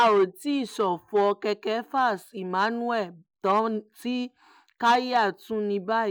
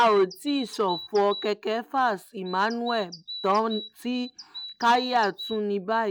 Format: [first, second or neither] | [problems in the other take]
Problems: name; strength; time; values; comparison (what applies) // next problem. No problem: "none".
first | background sound (Bird vocalization, bird call, bird song); 15 dB below the speech